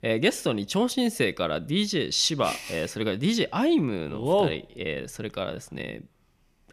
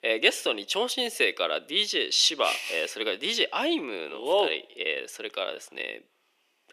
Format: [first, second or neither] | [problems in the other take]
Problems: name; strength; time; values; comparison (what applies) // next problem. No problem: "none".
first | thin; very; fading below 350 Hz